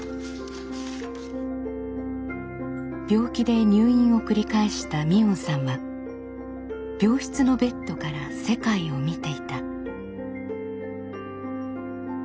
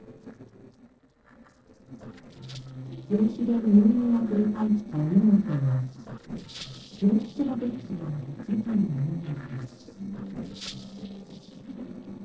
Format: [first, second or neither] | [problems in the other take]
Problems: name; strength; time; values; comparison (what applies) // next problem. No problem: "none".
first | noise reduction (neural separator model SepFormer DNS4)